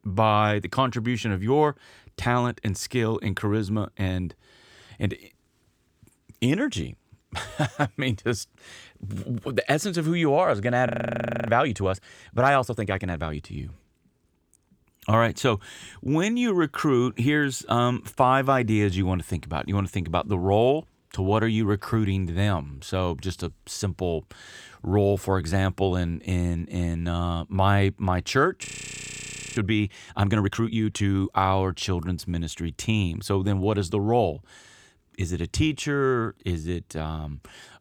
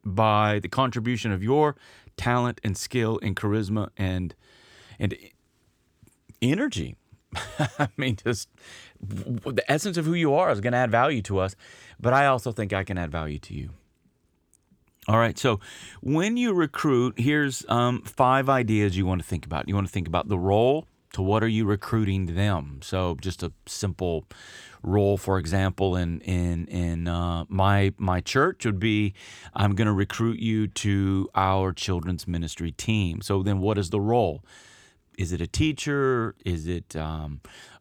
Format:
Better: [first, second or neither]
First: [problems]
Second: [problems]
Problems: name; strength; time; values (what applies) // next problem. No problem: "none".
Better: second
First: audio freezing; at 11 s for 0.5 s and at 29 s for 1 s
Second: none